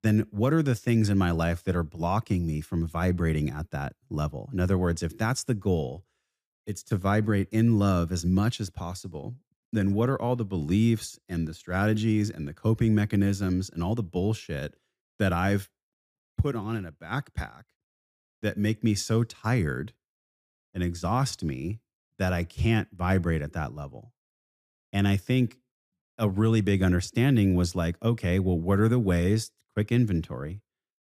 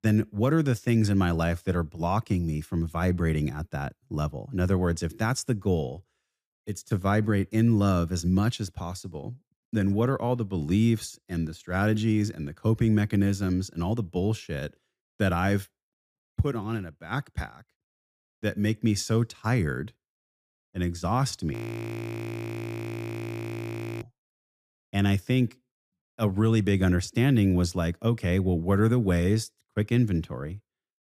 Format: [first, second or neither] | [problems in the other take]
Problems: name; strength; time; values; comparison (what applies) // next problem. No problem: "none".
first | audio freezing; at 22 s for 2.5 s